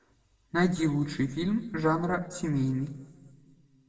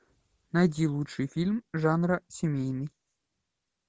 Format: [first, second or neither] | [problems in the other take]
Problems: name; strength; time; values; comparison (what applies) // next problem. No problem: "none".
second | room echo; dies away in 1.4 s